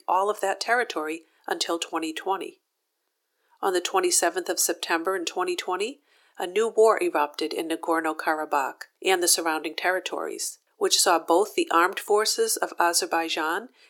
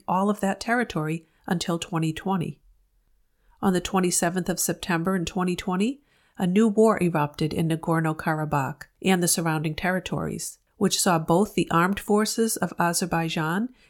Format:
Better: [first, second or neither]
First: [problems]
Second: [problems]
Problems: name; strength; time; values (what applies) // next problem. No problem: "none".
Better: second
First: thin; very; fading below 350 Hz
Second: none